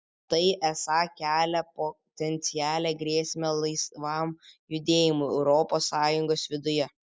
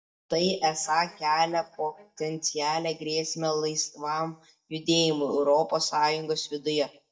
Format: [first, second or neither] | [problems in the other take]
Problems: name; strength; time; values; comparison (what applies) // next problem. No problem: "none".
first | noise reduction (neural mask model DeepFilterNet 3)